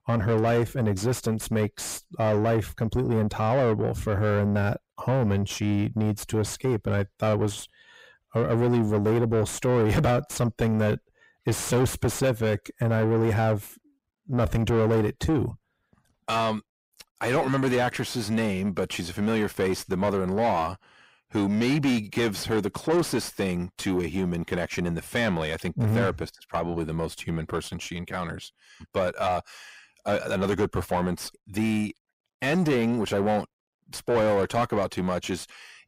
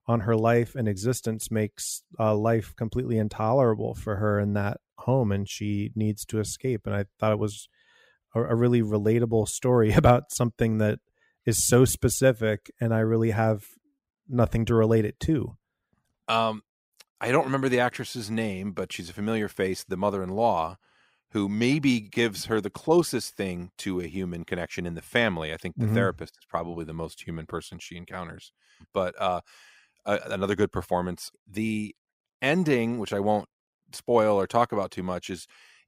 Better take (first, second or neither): second